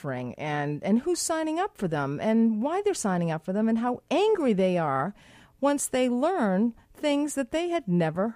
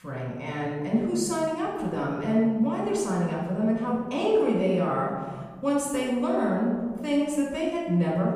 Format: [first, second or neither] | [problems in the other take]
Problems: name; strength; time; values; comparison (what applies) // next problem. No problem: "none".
first | off-mic speech; far // room echo; noticeable; dies away in 1.4 s